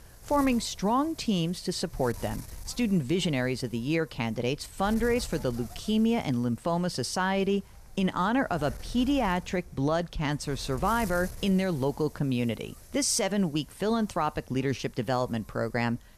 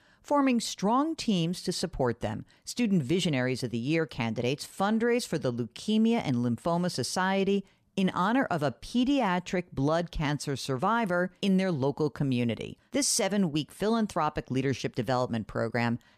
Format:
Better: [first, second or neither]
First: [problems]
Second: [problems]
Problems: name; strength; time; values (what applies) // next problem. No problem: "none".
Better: second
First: wind noise on the microphone; occasional gusts; 20 dB below the speech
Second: none